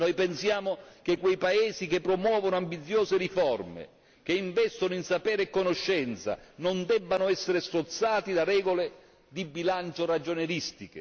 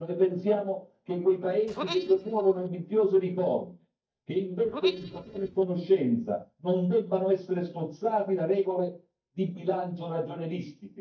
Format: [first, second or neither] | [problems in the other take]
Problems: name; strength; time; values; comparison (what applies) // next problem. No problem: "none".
first | noise reduction (neural mask model DeepFilterNet 3)